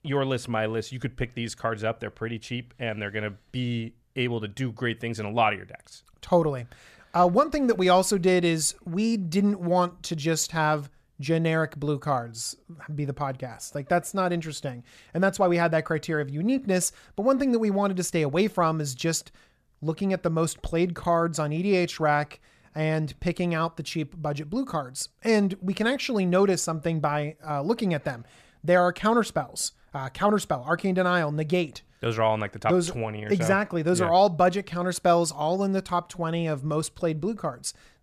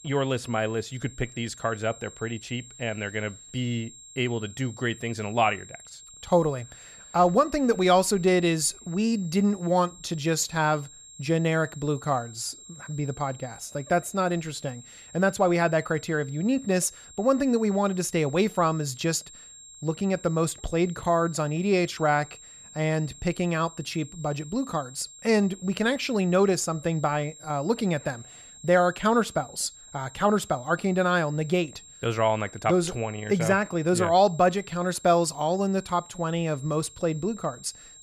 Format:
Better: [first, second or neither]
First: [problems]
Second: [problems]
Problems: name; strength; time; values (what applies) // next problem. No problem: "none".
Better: first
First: none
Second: high-pitched whine; noticeable; throughout; 7.5 kHz, 20 dB below the speech